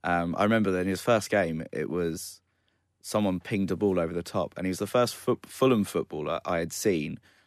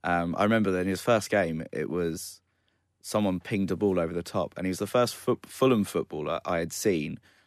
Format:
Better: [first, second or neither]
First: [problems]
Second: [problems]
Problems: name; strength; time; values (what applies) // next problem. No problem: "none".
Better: neither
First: none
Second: none